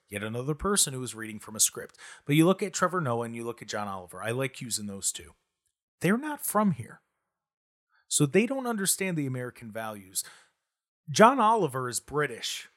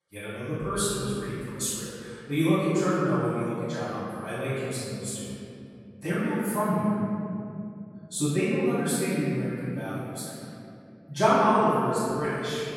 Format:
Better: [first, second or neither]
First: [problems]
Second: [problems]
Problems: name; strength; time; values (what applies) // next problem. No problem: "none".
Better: first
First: none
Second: room echo; strong; dies away in 3 s // off-mic speech; far